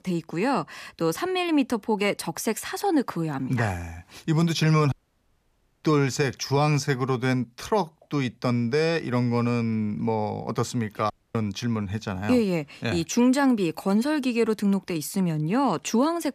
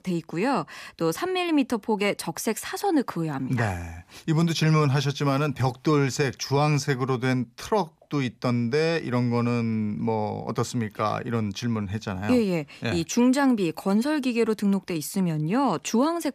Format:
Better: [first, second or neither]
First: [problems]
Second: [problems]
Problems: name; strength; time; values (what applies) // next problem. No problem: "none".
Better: second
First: audio cutting out; at 5 s for 1 s and at 11 s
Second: none